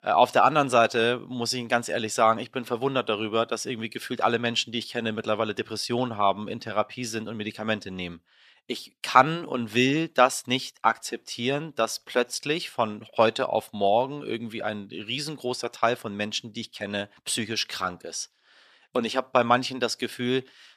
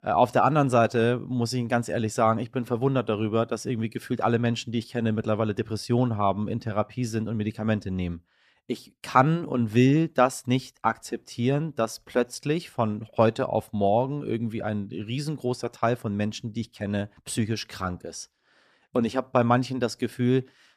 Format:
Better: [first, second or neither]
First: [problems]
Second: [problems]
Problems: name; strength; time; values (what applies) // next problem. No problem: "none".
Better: second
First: thin; somewhat; fading below 1 kHz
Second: none